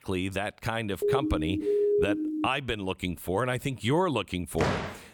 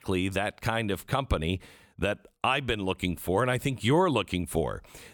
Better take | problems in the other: second | siren; loud; from 1 to 2.5 s; peak 6 dB above the speech // door banging; loud; at 4.5 s; peak 1 dB above the speech

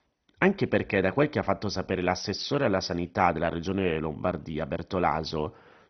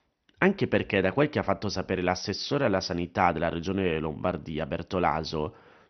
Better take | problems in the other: second | garbled, watery; badly; nothing above 6 kHz; slightly in the second

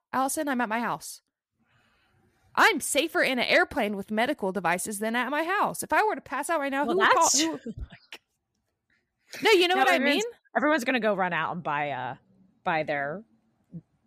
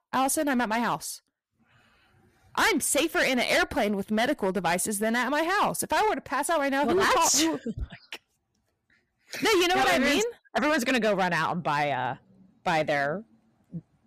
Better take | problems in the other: first | distortion; heavy; 11% of the sound clipped

